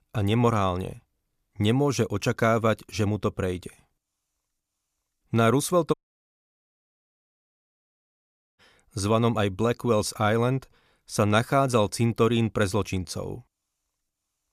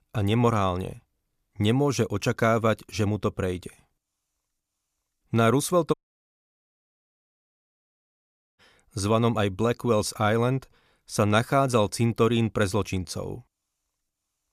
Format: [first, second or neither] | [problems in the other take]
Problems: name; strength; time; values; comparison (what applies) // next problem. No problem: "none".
neither | audio cutting out; at 6 s for 2.5 s; the same in both